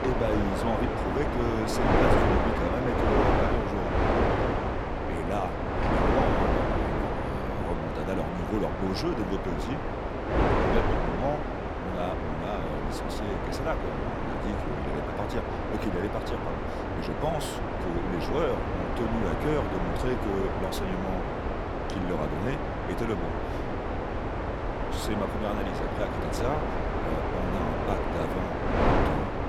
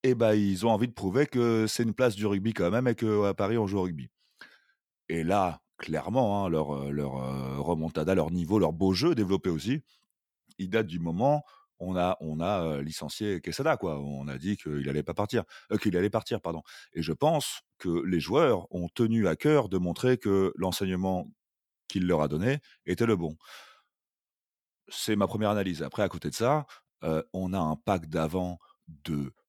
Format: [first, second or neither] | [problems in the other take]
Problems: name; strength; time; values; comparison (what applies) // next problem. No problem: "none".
second | wind noise on the microphone; heavy; 5 dB above the speech